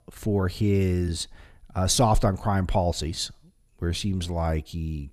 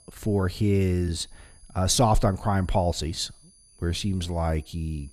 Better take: first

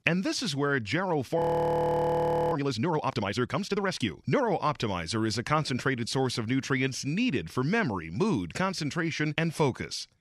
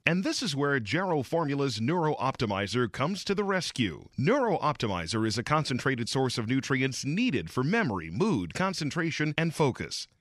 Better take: second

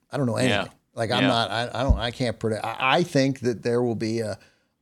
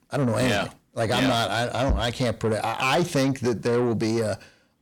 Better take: first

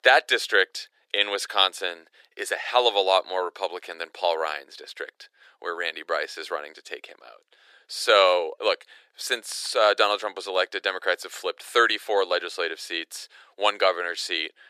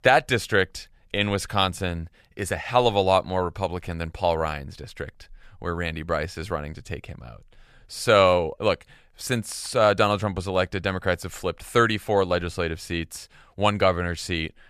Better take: second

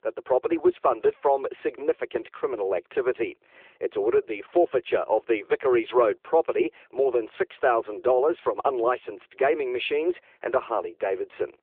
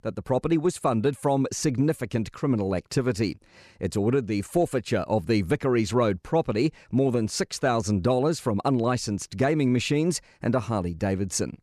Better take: second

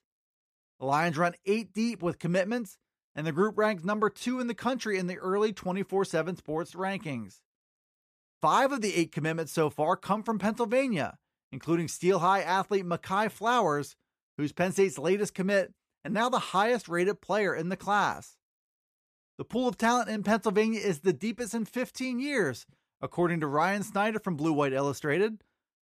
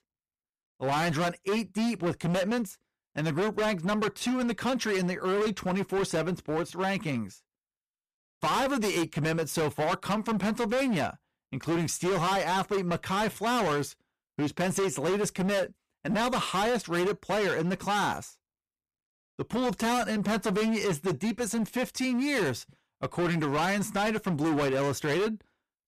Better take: first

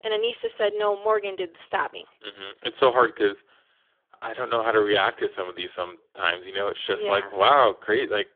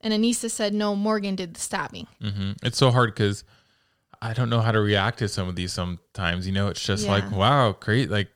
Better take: second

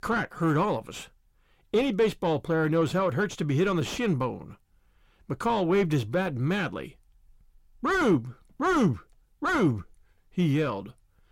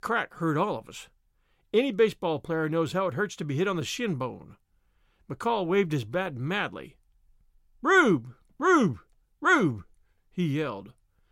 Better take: second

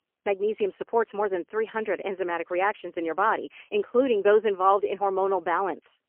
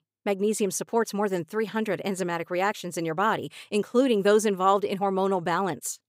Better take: second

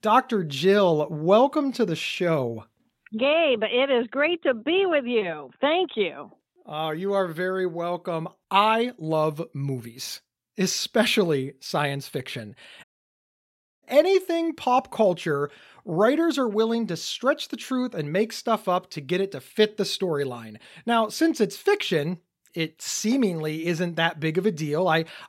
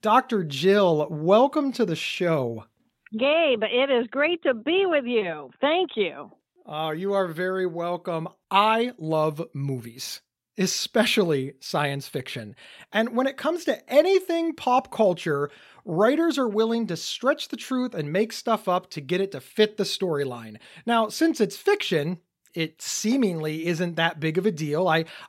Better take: second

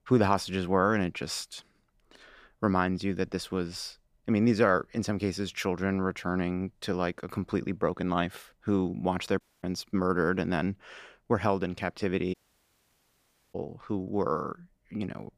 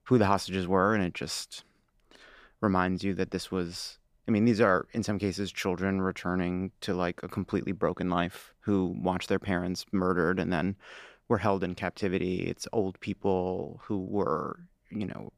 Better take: second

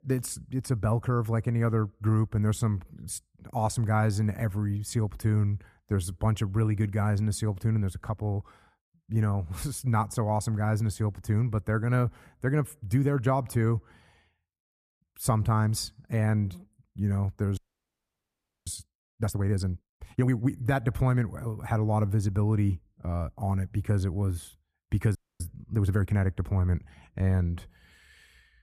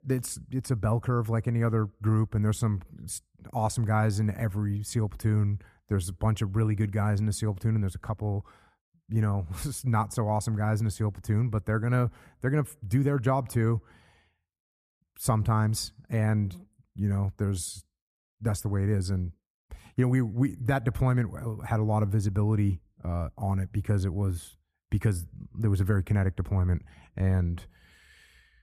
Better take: second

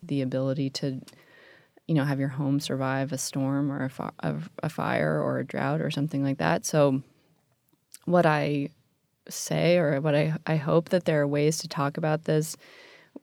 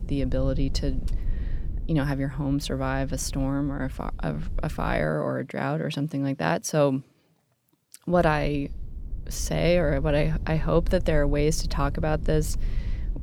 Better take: first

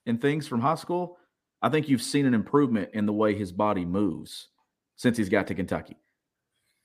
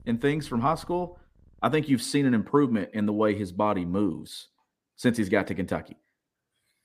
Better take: first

